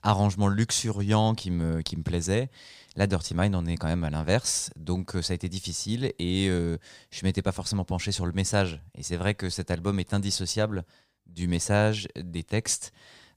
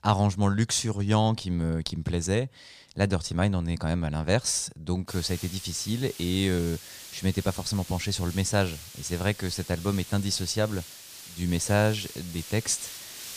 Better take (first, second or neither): first